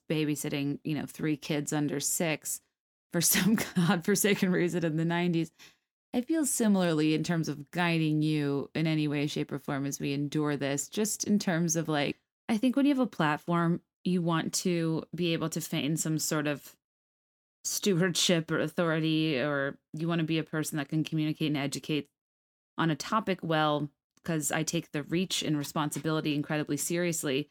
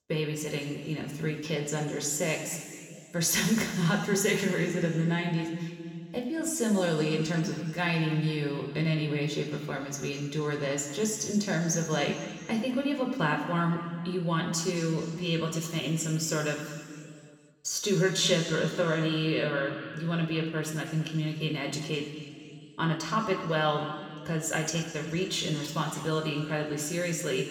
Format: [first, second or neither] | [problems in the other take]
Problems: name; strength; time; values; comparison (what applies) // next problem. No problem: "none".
first | room echo; noticeable; dies away in 2.3 s // off-mic speech; somewhat distant